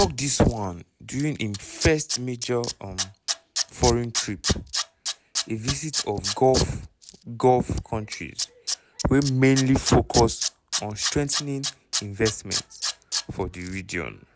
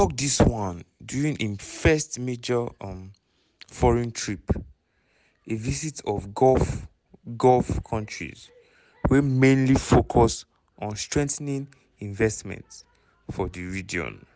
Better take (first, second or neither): second